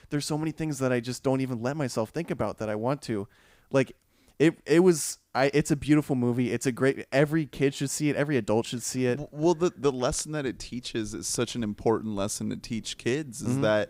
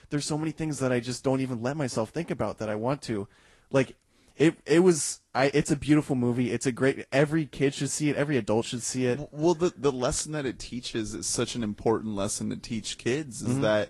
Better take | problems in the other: first | garbled, watery; slightly; nothing above 11 kHz

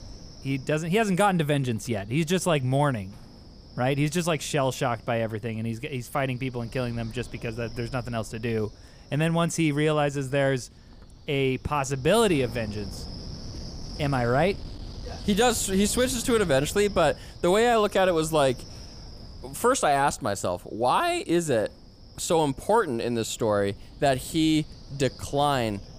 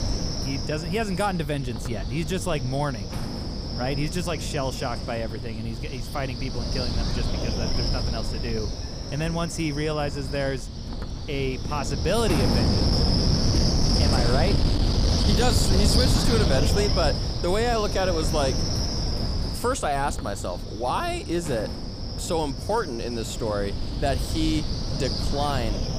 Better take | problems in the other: first | wind noise on the microphone; heavy; 2 dB below the speech; occasional gusts in the first

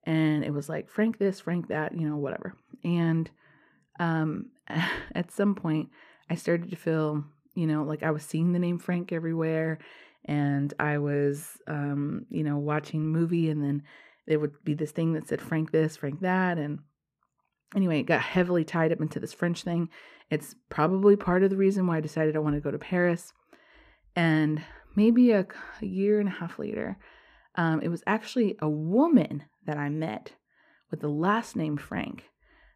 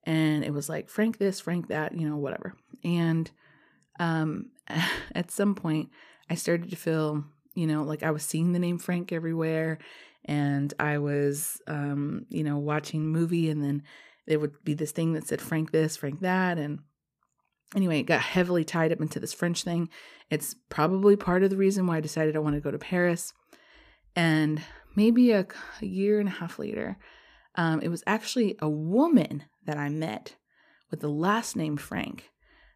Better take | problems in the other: second | muffled; slightly; fading above 3.5 kHz

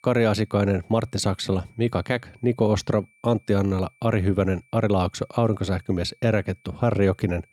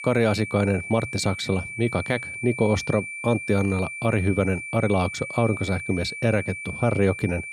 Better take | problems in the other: first | high-pitched whine; loud; throughout; 2.5 kHz, 8 dB below the speech; faint in the first

